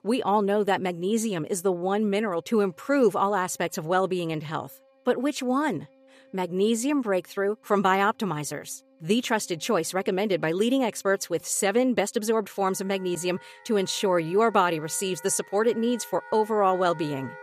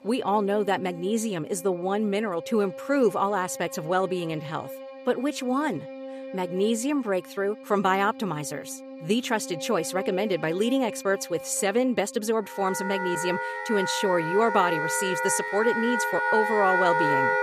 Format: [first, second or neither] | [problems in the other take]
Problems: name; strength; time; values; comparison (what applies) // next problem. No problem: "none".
first | background music; loud; throughout; 4 dB below the speech; faint in the first